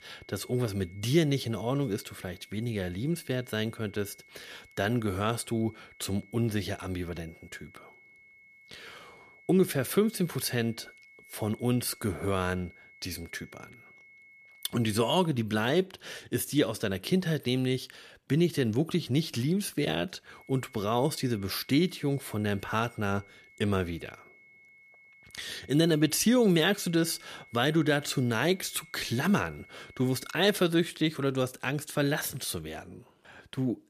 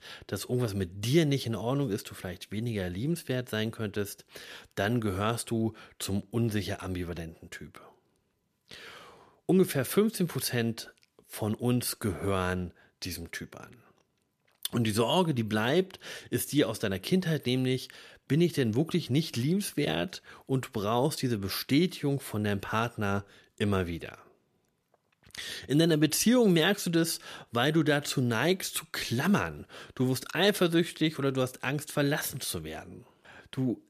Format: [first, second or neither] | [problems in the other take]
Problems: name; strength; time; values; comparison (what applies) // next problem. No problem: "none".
second | high-pitched whine; faint; until 15 s and from 20 to 31 s; 2 kHz, 25 dB below the speech